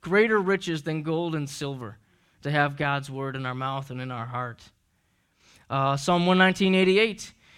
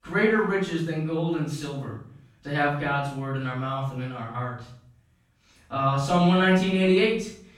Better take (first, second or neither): first